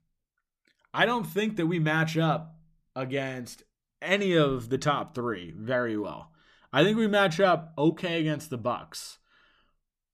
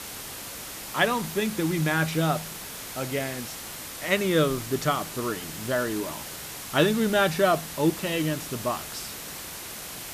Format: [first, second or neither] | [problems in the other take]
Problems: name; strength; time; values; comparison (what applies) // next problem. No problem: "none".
first | hiss; loud; throughout; 9 dB below the speech